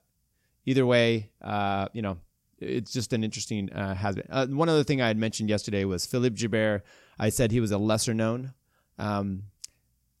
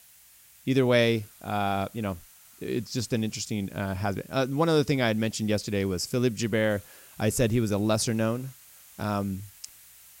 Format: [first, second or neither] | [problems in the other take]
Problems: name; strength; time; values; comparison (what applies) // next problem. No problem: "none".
first | hiss; faint; throughout; 25 dB below the speech